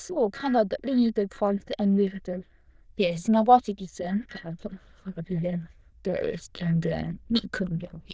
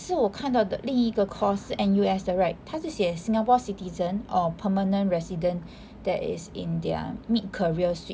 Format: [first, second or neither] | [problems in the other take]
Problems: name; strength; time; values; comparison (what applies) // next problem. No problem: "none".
second | noise reduction (neural diffusion model UNIVERSE++)